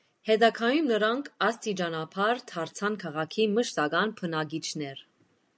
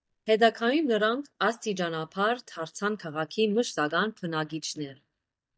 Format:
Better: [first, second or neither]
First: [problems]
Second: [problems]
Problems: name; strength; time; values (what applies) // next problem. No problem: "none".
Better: first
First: none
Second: noise reduction (neural mask model DeepFilterNet 3)